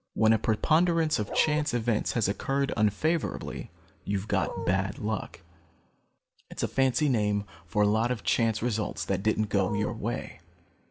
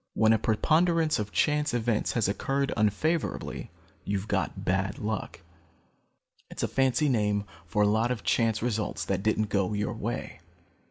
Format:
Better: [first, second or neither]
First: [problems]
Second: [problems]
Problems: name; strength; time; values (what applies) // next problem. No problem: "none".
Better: second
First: background sound (Bark); 7 dB below the speech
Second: none